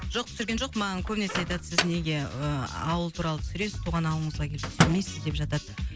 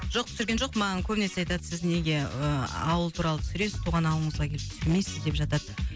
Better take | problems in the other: second | background sound (Microwave oven); 5 dB below the speech

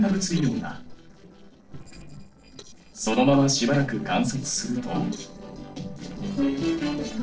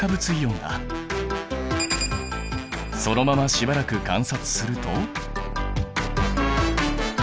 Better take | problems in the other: second | noise reduction (neural separator model SepFormer DNS4)

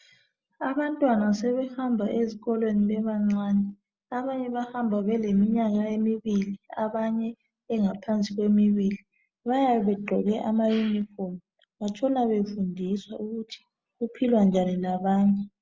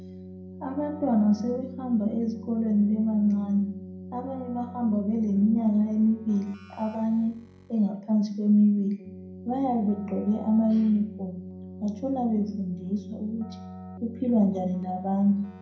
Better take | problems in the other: first | background sound (Keyboard (musical)); 15 dB below the speech // room echo; dies away in 0.4 s

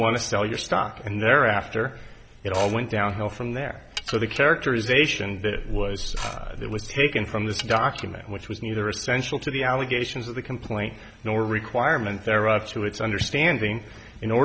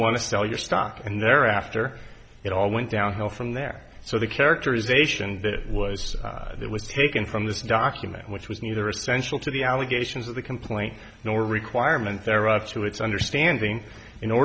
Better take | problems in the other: second | background sound (Dishes, pots, and pans / Glass); 15 dB below the speech

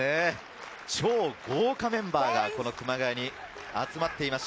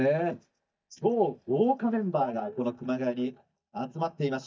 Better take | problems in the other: first | noise reduction (neural mask model DeepFilterNet 3)

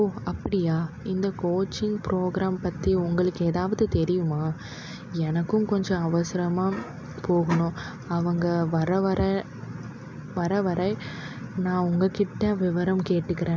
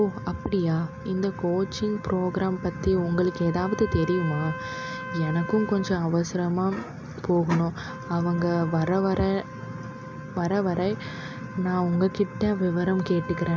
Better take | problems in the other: first | background sound (Trumpet); 15 dB below the speech

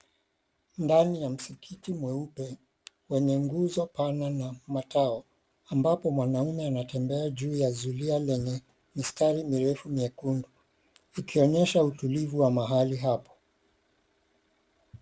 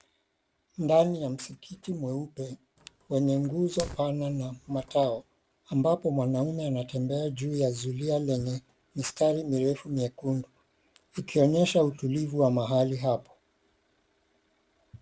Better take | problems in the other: first | background sound (Fire); 18 dB below the speech

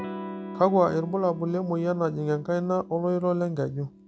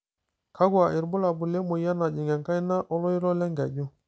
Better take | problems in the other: second | background sound (Electric guitar / Strum); 13 dB below the speech

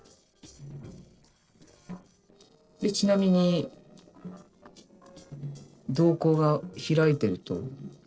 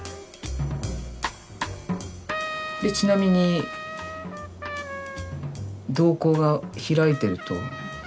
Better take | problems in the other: second | noise reduction (neural separator model SepFormer DNS4)

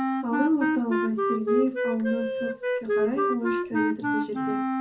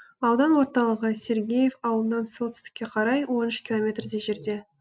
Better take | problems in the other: second | background sound (Wind instrument, woodwind instrument); 3 dB above the speech // room echo; dies away in 0.4 s

